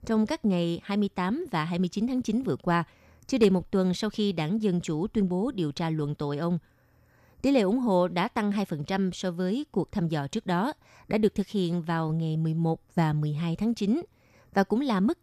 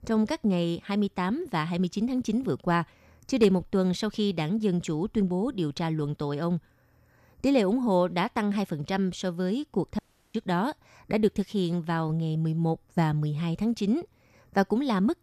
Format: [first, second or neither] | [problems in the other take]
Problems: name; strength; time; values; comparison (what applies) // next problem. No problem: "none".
first | audio cutting out; at 10 s